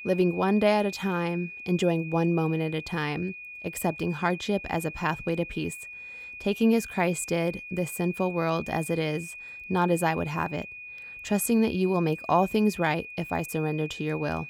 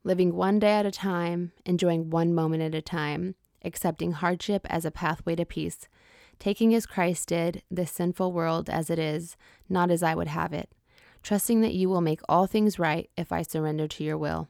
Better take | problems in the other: second | high-pitched whine; noticeable; throughout; 2.5 kHz, 10 dB below the speech

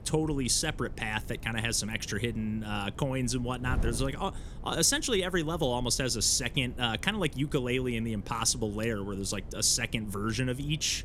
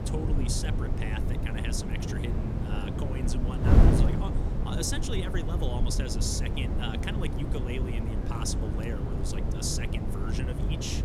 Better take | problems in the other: first | wind noise on the microphone; heavy; 1 dB below the speech; occasional gusts in the first

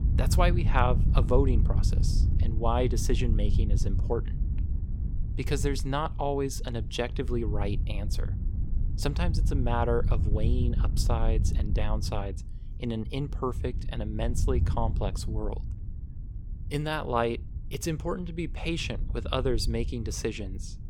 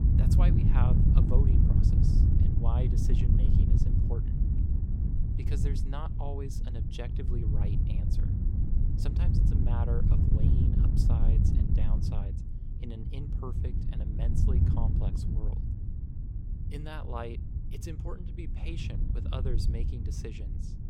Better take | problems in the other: first | wind noise on the microphone; heavy; 2 dB above the speech; occasional gusts in the first

